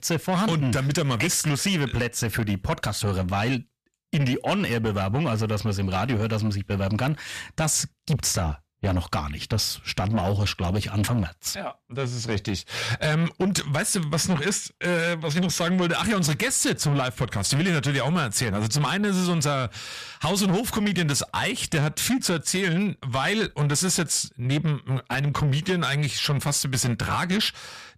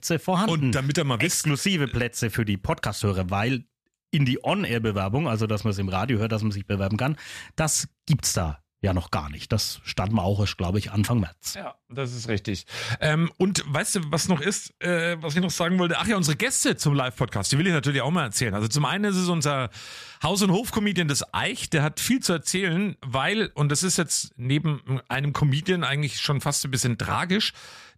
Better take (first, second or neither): second